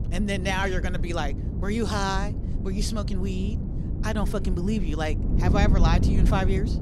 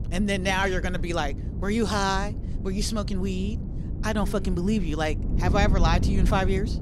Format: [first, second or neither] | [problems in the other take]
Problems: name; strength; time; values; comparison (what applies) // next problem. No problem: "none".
second | wind noise on the microphone; heavy; 8 dB below the speech; occasional gusts in the second